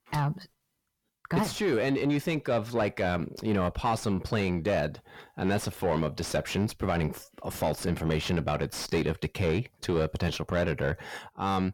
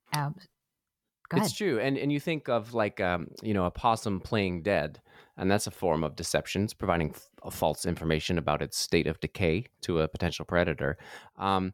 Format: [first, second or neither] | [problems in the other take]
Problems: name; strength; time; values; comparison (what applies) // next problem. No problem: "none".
second | distortion; heavy; 7 dB below the speech